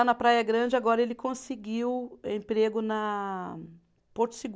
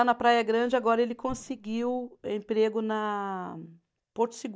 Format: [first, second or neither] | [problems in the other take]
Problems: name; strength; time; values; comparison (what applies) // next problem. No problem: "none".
first | noise reduction (neural mask model DeepFilterNet 3)